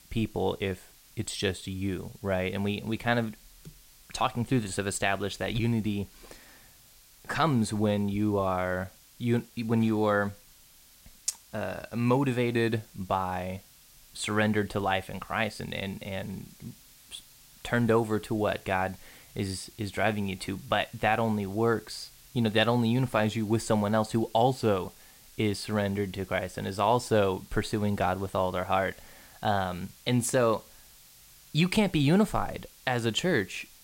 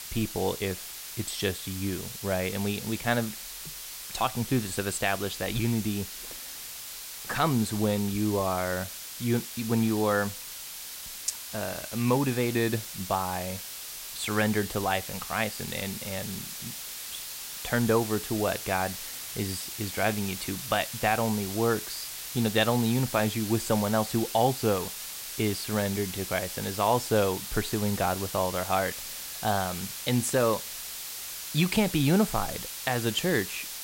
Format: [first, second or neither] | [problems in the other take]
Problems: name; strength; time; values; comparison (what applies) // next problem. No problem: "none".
first | hiss; loud; throughout; 7 dB below the speech; faint in the first